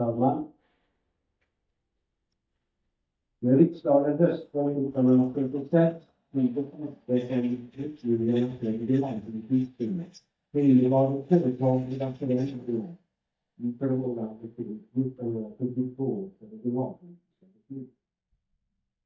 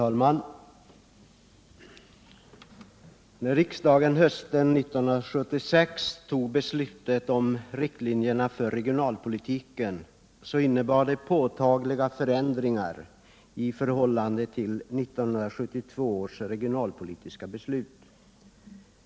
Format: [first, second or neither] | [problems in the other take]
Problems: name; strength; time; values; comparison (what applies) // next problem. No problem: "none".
second | noise reduction (neural mask model DeepFilterNet 3)